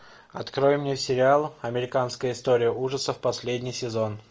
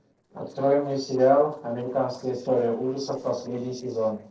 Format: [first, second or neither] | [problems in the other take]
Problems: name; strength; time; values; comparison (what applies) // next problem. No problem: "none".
first | noise reduction (neural separator model SepFormer DNS4)